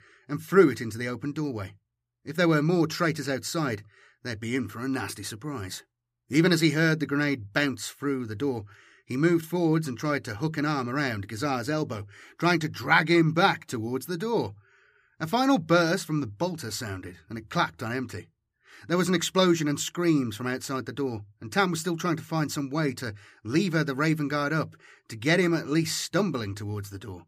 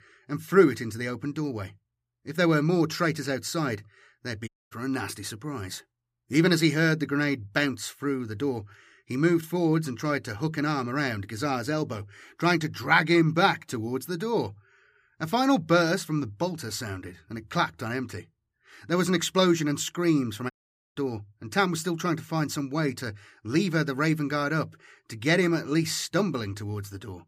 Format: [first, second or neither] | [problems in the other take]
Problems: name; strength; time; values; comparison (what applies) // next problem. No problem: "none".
first | audio cutting out; at 4.5 s and at 21 s